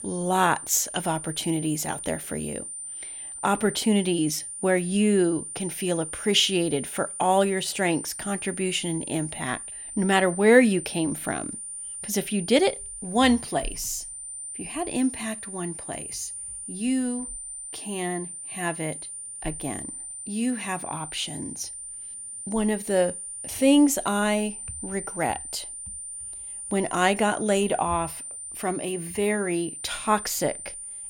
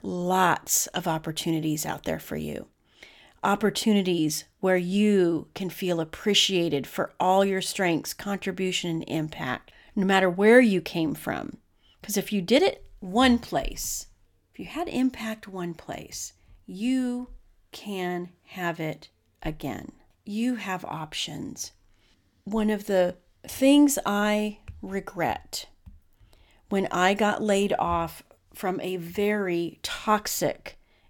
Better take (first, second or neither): second